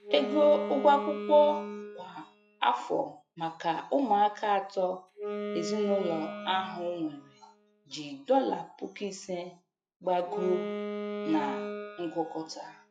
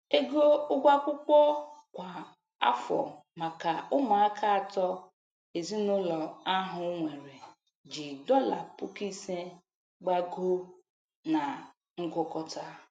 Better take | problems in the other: second | noise reduction (classical method log-MMSE)

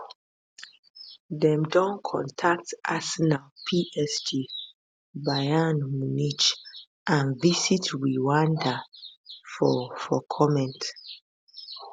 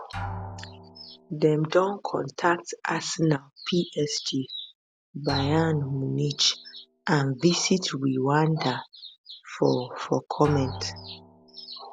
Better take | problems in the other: first | background sound (Drum); 15 dB below the speech

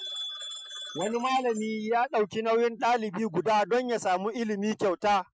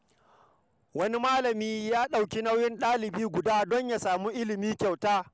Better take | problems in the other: second | noise reduction (classical method Wiener filter)

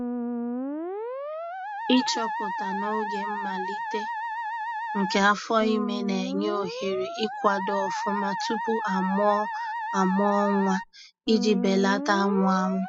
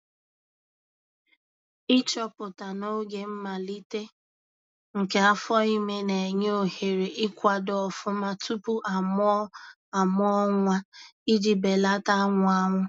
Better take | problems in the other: second | noise reduction (classical method spectral subtraction)

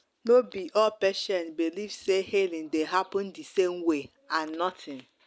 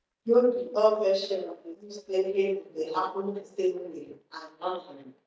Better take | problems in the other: first | noise reduction (neural mask model DeepFilterNet 3)

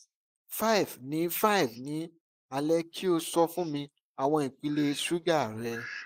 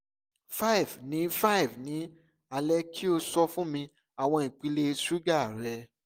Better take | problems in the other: second | noise reduction (neural mask model Resemble Enhance denoiser)

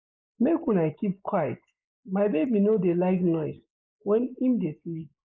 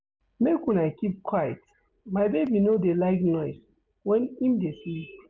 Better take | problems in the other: second | noise reduction (neural mask model Resemble Enhance denoiser)

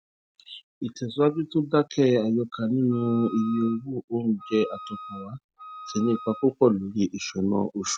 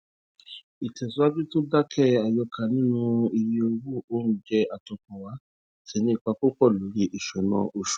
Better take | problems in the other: second | background sound (Wind instrument, woodwind instrument); 16 dB below the speech

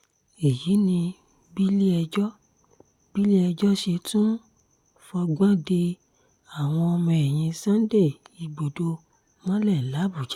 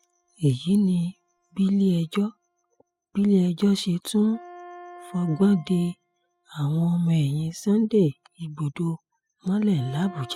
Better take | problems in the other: first | noise reduction (classical method spectral subtraction)

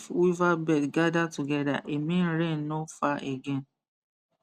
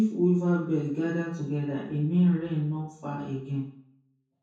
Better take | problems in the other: first | room echo; dies away in 0.6 s

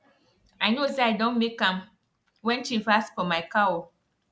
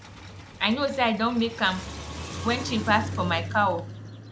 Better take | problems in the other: first | background sound (Car); 9 dB below the speech

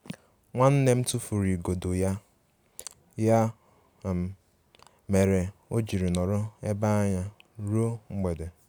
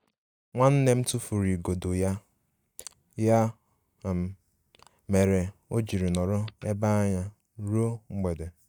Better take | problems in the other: first | noise reduction (neural mask model DeepFilterNet 3)

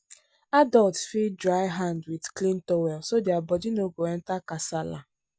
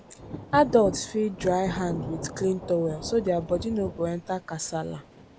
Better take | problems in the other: first | background sound (Thunder / Rain); 11 dB below the speech

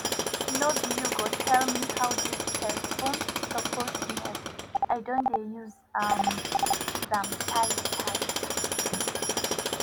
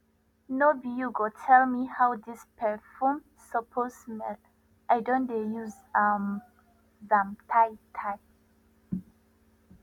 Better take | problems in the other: second | background sound (Telephone + Tools); 3 dB above the speech

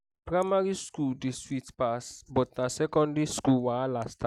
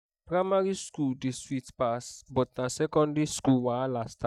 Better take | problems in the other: first | noise reduction (neural mask model DeepFilterNet 3)

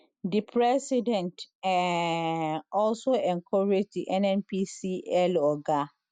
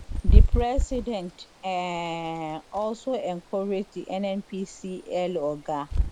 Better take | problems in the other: first | background sound (Wind / Bird); 4 dB above the speech

